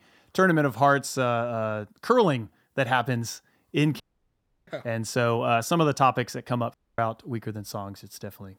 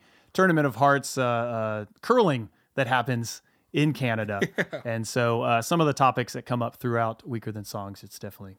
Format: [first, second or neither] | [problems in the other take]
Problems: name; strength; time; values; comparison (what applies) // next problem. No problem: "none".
second | audio cutting out; at 4 s for 0.5 s and at 6.5 s